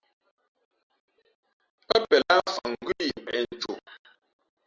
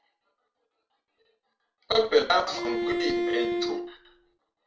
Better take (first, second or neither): first